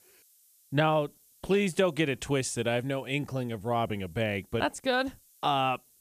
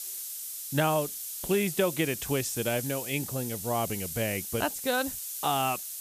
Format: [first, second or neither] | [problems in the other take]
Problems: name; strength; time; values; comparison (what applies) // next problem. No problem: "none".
first | hiss; loud; throughout; 5 dB below the speech; faint in the first